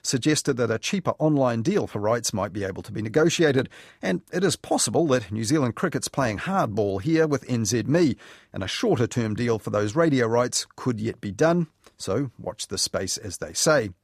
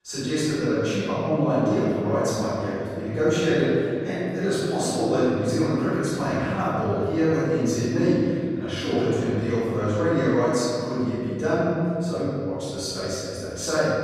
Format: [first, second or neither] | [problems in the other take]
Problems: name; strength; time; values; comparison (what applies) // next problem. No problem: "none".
first | off-mic speech; far // room echo; strong; dies away in 2.3 s